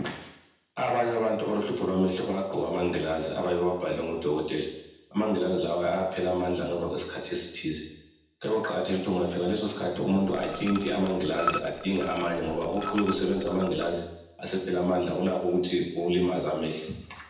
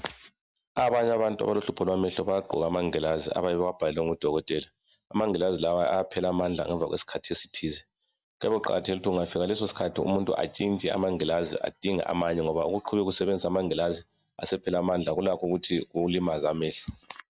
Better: second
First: background sound (Liquid); 9 dB below the speech // room echo; dies away in 0.9 s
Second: none

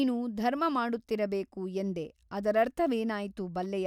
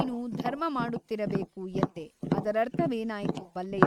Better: first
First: none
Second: noise reduction (neural mask model RNNoise)

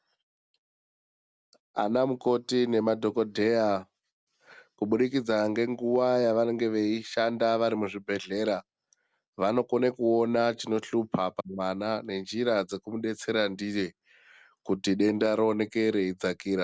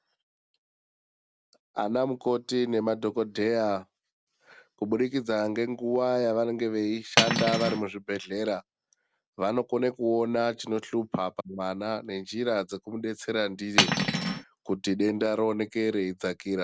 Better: first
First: none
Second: background sound (Cutlery, silverware); 4 dB above the speech

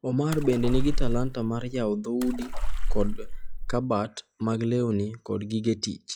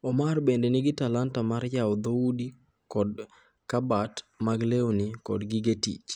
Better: second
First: noise reduction (classical method log-MMSE)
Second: none

